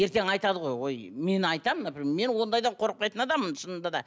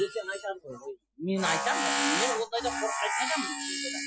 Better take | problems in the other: first | noise reduction (classical method Wiener filter)

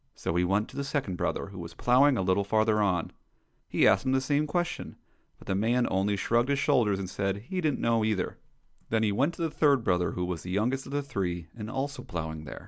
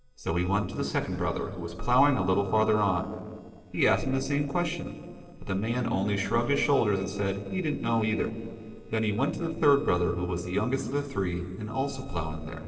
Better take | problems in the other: first | noise reduction (neural separator model SepFormer DNS4)

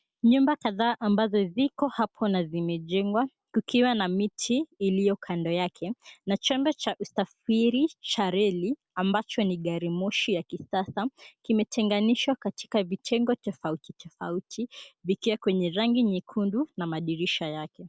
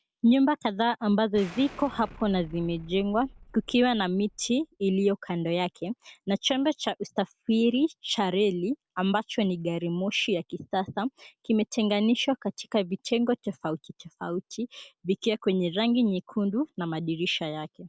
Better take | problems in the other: first | background sound (Explosion); 20 dB below the speech

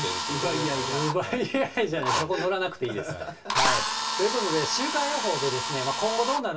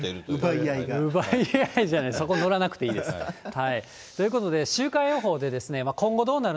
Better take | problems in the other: second | background sound (Drill); 2 dB below the speech // room echo; dies away in 0.2 s

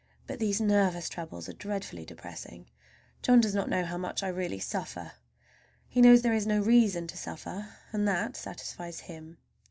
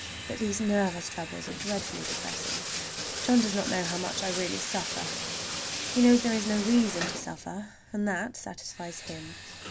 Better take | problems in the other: first | background sound (Bathtub (filling or washing)); 6 dB below the speech

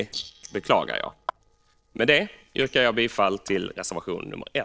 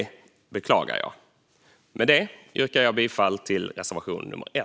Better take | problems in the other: second | noise reduction (neural separator model SepFormer DNS4)

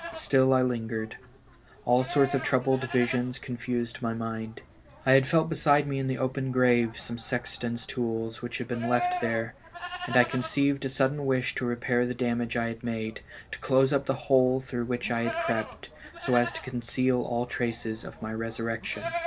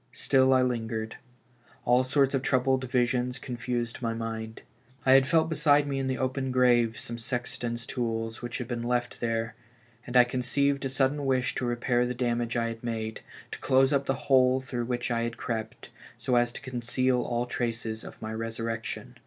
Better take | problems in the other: second | background sound (Livestock, farm animals, working animals); 12 dB below the speech

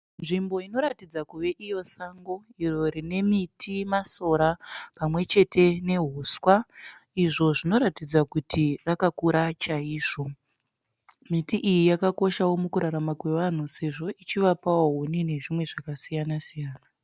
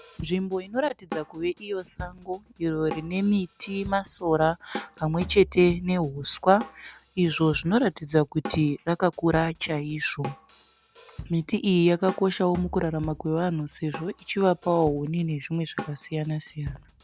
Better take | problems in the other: first | background sound (Drum kit); 16 dB below the speech

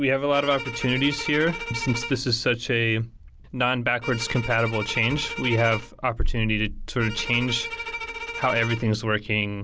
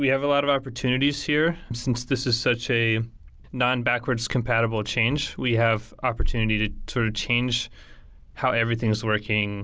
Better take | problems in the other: second | background sound (Bowed string instrument); 10 dB below the speech

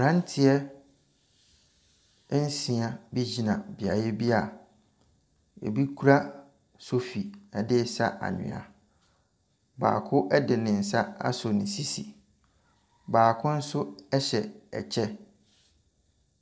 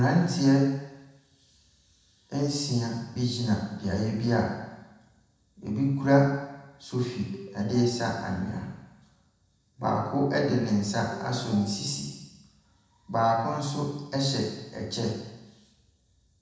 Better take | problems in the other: first | background sound (Ringtone); 18 dB below the speech // room echo; dies away in 1 s

